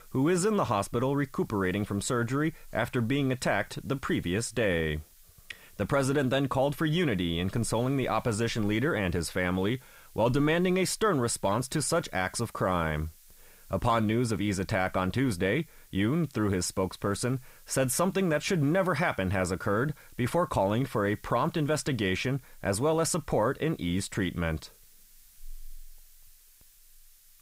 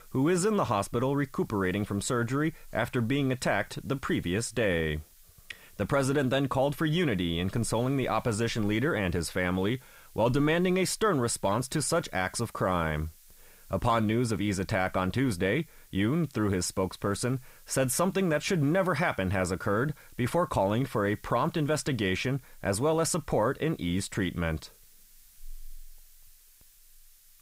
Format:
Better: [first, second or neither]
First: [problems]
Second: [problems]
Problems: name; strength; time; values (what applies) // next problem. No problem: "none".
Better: neither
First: hiss; faint; throughout; 25 dB below the speech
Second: hiss; faint; throughout; 25 dB below the speech